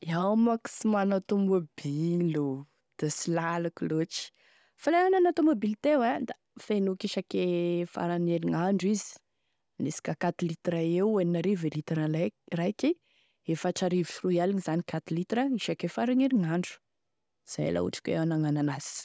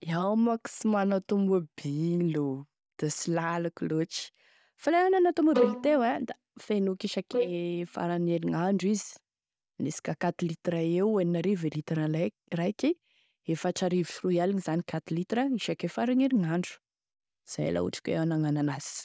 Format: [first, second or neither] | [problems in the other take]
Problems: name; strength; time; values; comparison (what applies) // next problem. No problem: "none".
first | noise reduction (neural mask model DeepFilterNet 3)